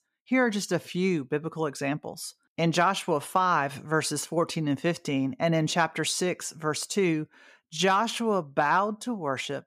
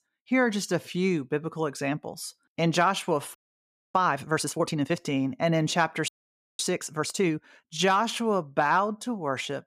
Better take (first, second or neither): first